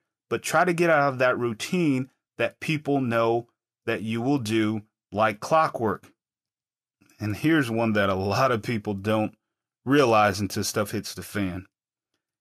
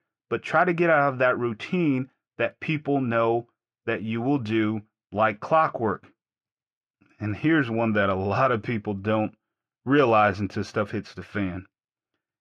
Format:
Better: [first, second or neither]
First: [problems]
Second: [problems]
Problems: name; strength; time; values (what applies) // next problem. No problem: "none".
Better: first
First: none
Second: muffled; slightly; fading above 2.5 kHz